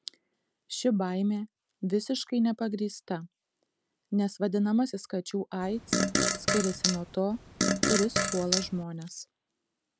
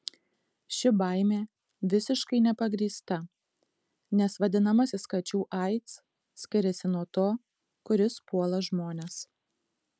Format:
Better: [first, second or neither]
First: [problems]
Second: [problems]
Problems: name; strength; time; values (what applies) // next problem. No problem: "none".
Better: second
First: background sound (Fart); 2 dB above the speech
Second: none